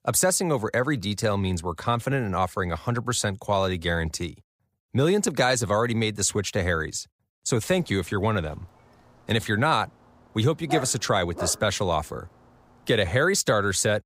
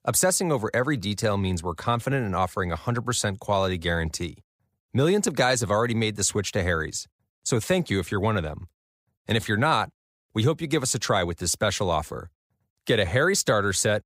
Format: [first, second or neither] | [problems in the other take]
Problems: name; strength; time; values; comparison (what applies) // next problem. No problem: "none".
second | dog barking; noticeable; at 11 s; peak 7 dB below the speech